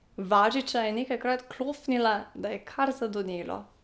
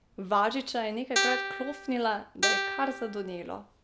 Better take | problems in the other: first | background sound (Guitar); 1 dB above the speech

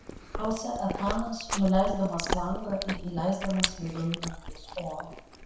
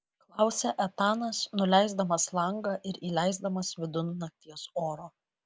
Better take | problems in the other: second | background sound (Chewing, mastication); 5 dB below the speech // room echo; dies away in 0.7 s

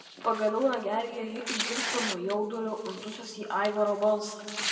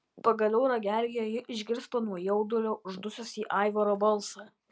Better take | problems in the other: second | background sound (Tearing); 7 dB below the speech // room echo; dies away in 1.8 s

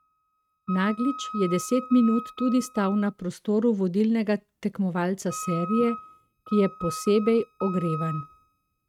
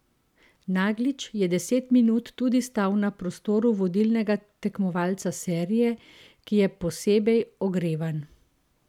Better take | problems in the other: second | noise reduction (neural mask model RNNoise)

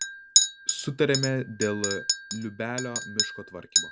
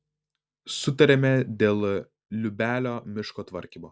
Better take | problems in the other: second | background sound (Chink, clink); 2 dB above the speech

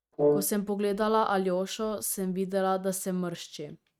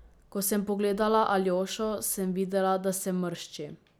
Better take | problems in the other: second | noise reduction (neural mask model RNNoise)

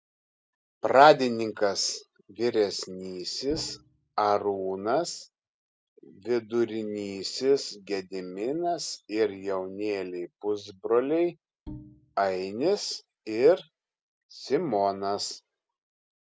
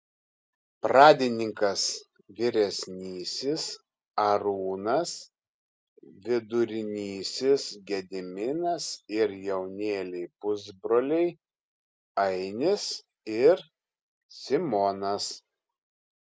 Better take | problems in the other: second | background sound (Bowed string instrument); 18 dB below the speech

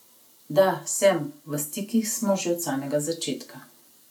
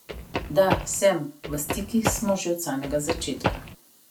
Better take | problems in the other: first | background sound (Run); 4 dB below the speech

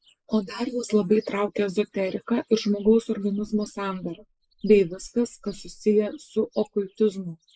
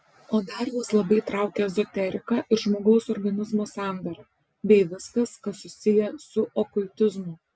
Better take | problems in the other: second | noise reduction (neural mask model Resemble Enhance denoiser)

